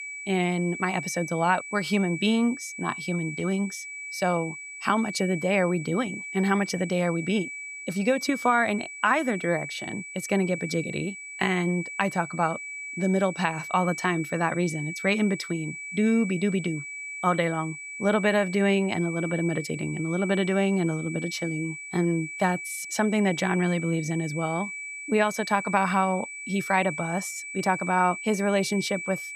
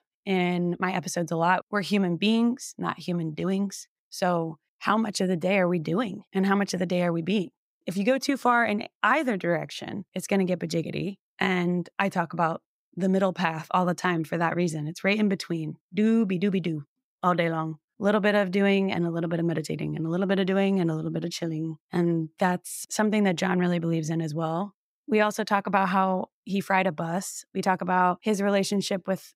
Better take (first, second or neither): second